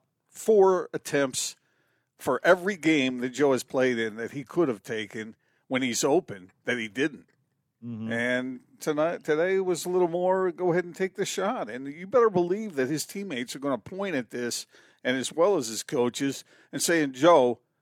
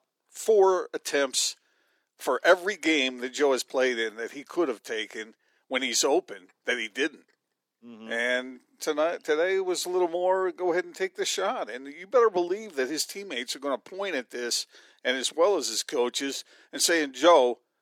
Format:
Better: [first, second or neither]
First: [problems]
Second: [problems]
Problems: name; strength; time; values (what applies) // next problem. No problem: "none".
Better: first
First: none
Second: thin; somewhat; fading below 350 Hz